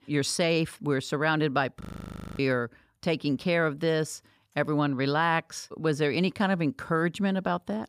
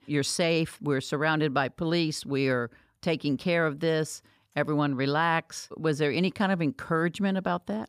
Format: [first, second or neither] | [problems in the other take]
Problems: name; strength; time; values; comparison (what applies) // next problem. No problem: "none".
second | audio freezing; at 2 s for 0.5 s